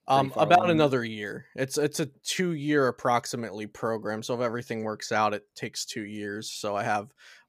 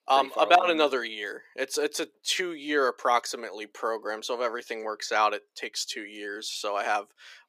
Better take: first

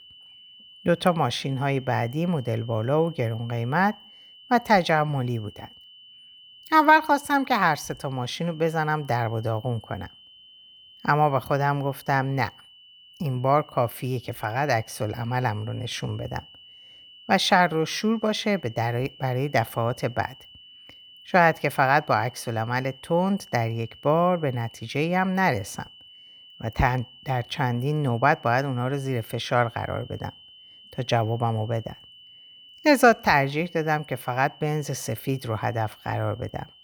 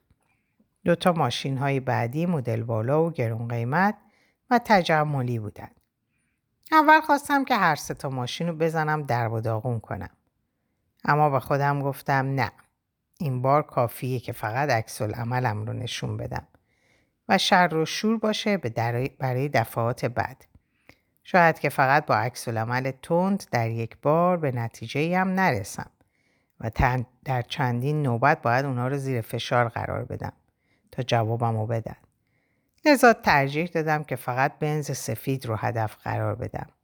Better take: second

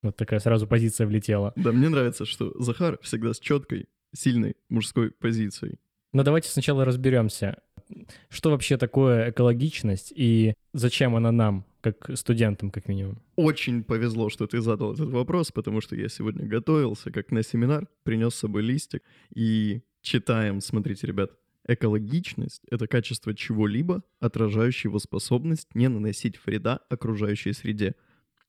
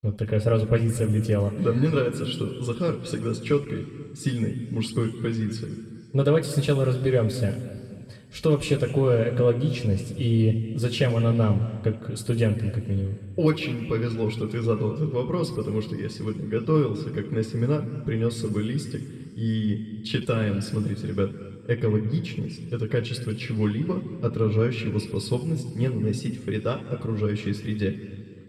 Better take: first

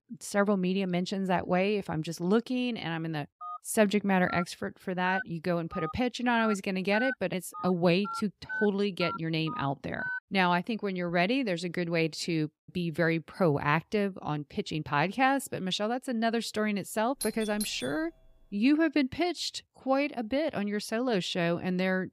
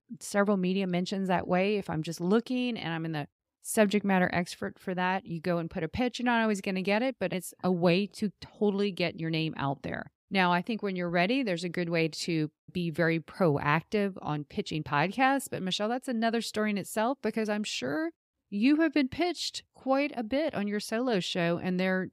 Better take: second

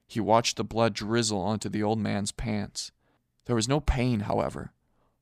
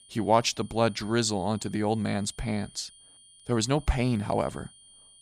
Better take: first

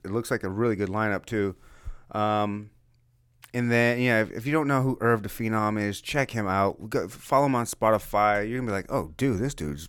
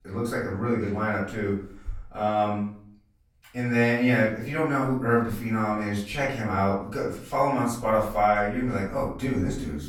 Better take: first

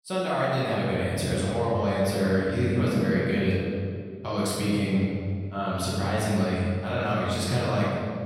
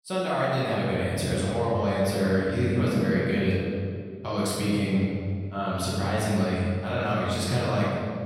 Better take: neither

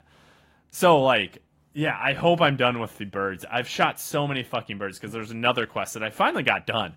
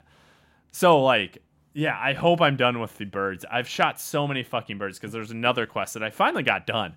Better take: second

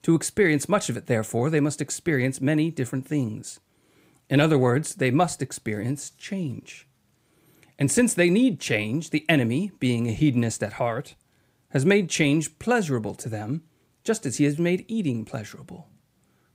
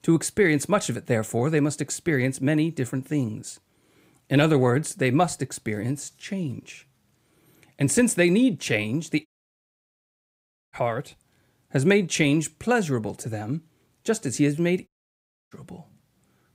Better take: first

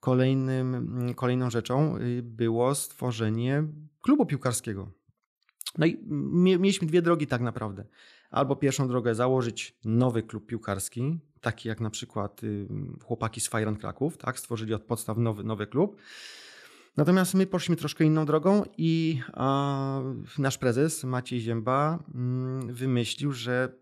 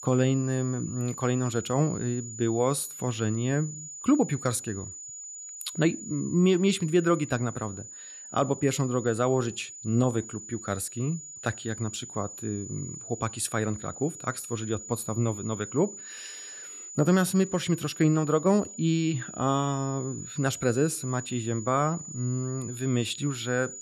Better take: first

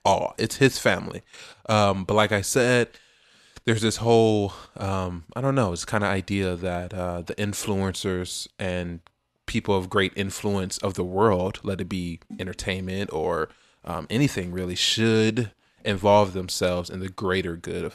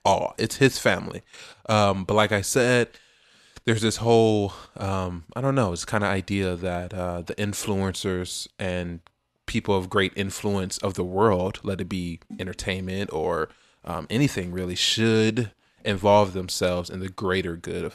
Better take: neither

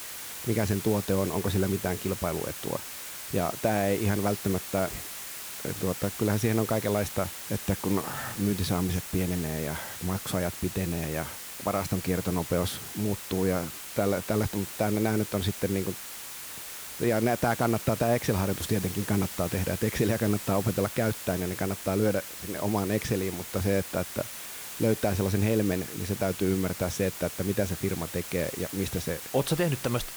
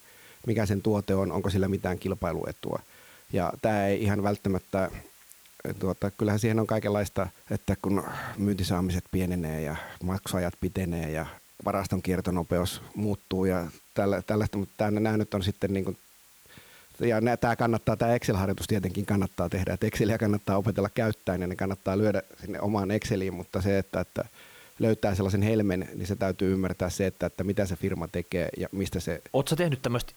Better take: second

